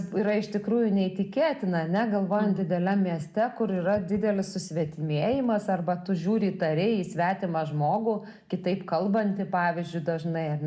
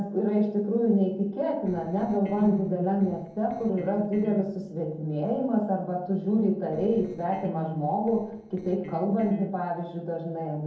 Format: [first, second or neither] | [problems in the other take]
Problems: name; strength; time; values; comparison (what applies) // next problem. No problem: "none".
first | noise reduction (neural separator model SepFormer DNS4)